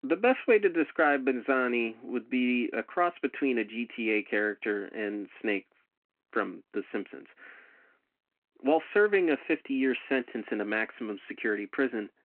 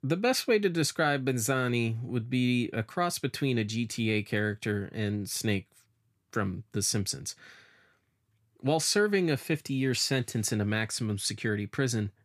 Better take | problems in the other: second | phone-call audio

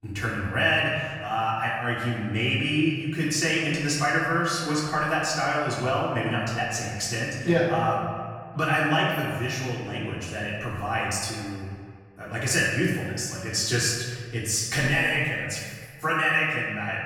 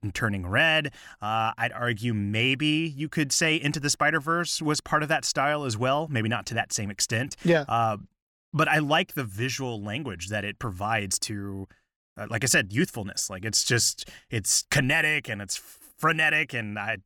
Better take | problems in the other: second | off-mic speech; far // room echo; noticeable; dies away in 1.6 s

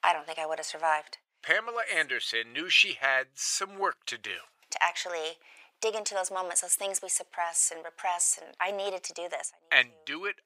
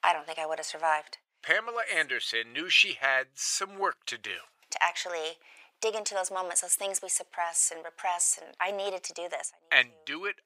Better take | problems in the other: neither | thin; very; fading below 900 Hz; the same in both

